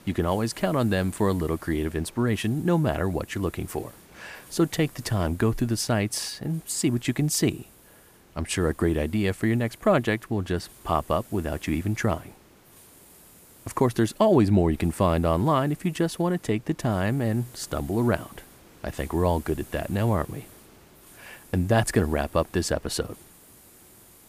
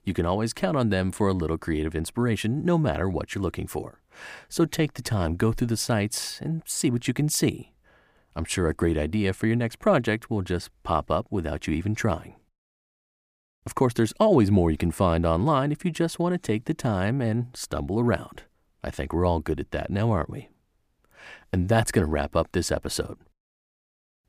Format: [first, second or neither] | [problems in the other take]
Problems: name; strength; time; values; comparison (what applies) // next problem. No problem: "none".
second | hiss; faint; throughout; 25 dB below the speech